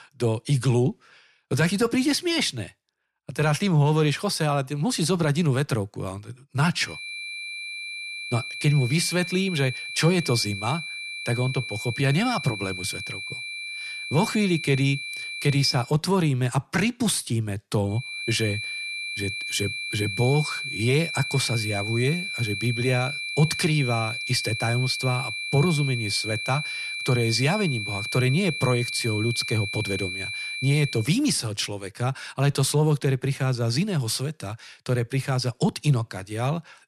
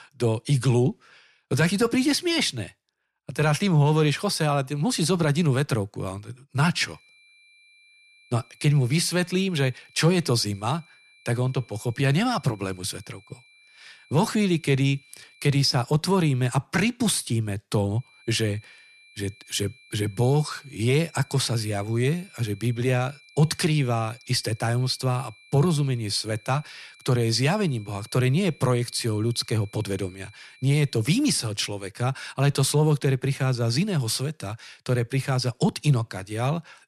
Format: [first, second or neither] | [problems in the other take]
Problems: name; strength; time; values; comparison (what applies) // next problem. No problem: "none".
second | high-pitched whine; loud; from 7 to 16 s and from 18 to 31 s; 2.5 kHz, 5 dB below the speech; faint in the second